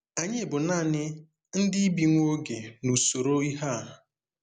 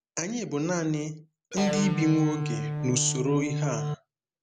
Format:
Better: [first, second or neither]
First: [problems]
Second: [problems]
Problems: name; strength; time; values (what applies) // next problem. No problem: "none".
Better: first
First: none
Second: background sound (Electric guitar); 2 dB below the speech